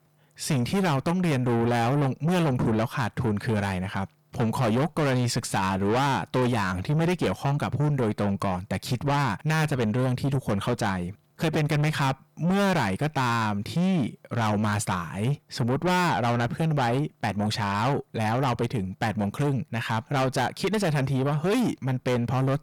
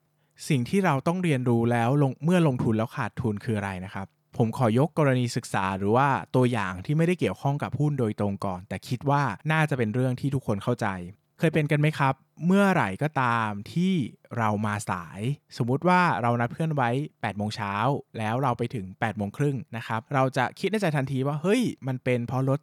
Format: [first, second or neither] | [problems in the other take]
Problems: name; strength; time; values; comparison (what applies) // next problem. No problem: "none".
second | distortion; heavy; 6 dB below the speech